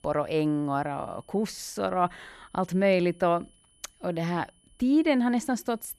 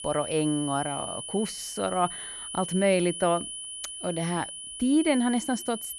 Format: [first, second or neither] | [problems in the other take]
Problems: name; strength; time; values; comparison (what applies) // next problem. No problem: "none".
first | high-pitched whine; loud; throughout; 10 kHz, 8 dB below the speech; faint in the first